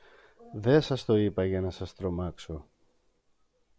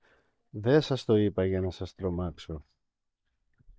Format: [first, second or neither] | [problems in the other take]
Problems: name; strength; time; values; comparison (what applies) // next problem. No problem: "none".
first | noise reduction (neural mask model DeepFilterNet 3)